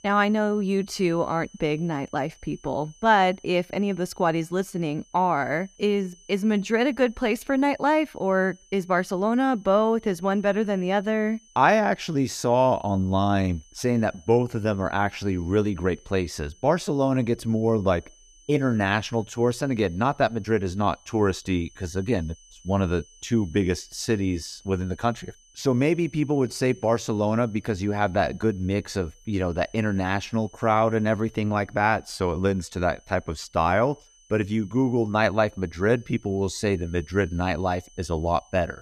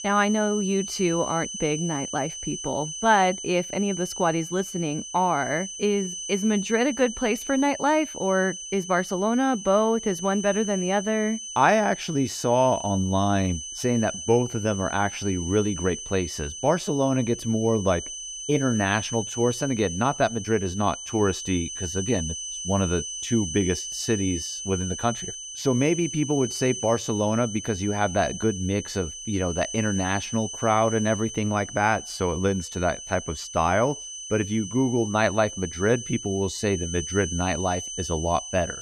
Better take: first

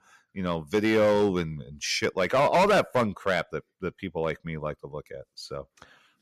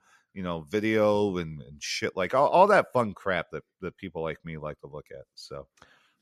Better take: second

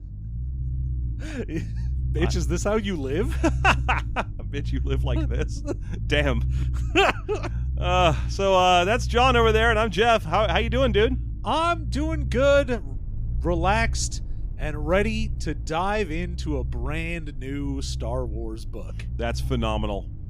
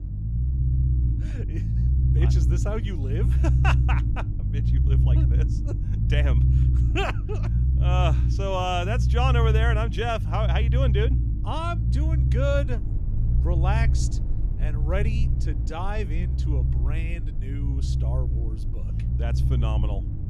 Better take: first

